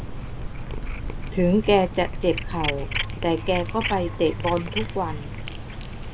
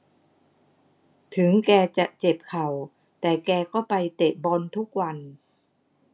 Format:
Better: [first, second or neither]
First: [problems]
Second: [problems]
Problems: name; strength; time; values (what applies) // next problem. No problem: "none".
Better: second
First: background sound (Cat); 4 dB below the speech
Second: none